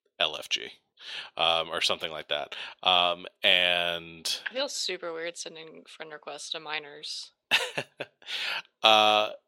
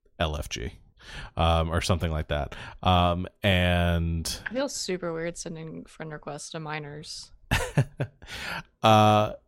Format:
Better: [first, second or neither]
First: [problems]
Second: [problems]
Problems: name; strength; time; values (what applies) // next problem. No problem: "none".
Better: second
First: thin; very; fading below 450 Hz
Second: none